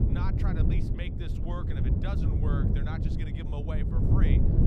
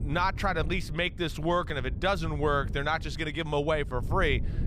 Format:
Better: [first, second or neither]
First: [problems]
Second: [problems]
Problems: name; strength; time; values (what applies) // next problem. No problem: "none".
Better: second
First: wind noise on the microphone; heavy; 2 dB above the speech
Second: wind noise on the microphone; occasional gusts; 20 dB below the speech